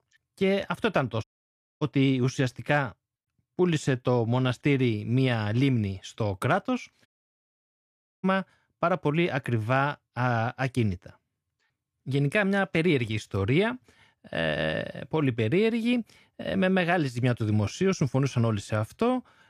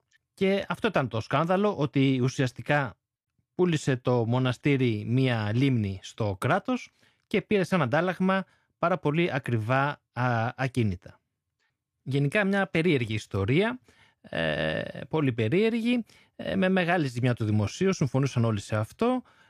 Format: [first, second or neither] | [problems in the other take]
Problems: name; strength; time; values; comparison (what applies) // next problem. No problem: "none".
second | audio cutting out; at 1 s for 0.5 s and at 7 s for 1 s